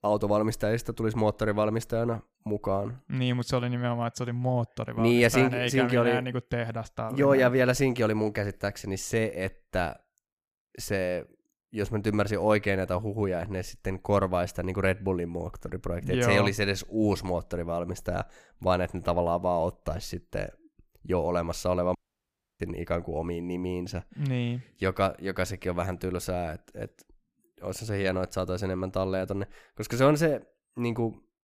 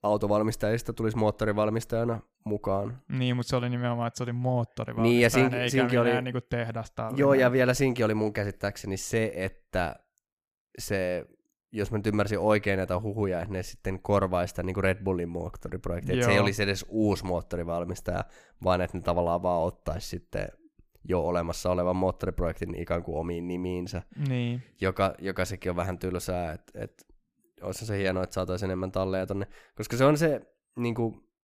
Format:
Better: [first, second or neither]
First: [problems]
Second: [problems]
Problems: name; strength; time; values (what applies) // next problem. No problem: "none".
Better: second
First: audio cutting out; at 22 s for 0.5 s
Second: none